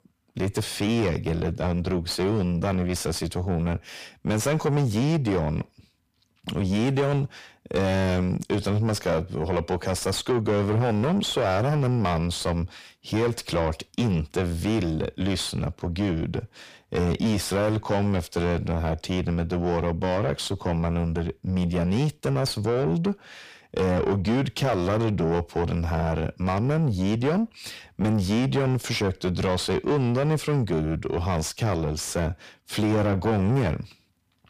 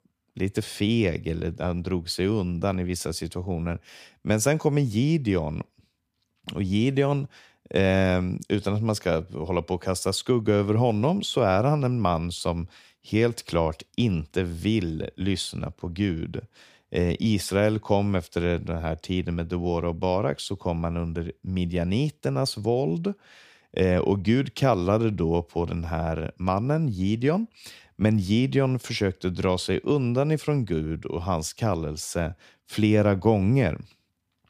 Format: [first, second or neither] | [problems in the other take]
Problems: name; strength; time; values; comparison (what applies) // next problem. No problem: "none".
second | distortion; heavy; 6 dB below the speech